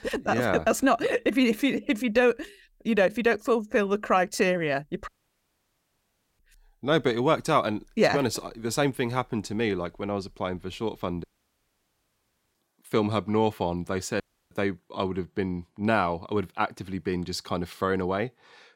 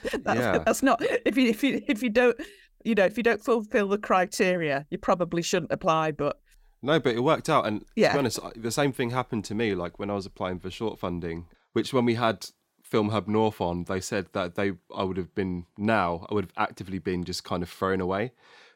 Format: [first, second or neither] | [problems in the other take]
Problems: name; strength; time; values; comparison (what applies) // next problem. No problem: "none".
second | audio cutting out; at 5 s for 1.5 s, at 11 s for 1.5 s and at 14 s